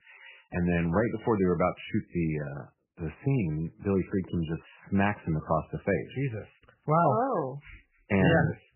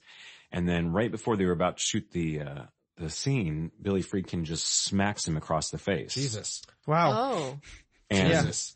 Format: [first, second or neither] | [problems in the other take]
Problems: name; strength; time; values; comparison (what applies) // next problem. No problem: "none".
second | garbled, watery; badly; nothing above 3 kHz; slightly in the second